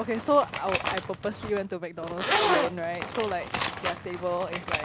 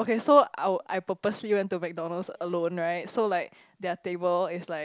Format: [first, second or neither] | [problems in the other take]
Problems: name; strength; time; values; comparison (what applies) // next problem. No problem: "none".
second | background sound (Zipper (clothing)); 1 dB below the speech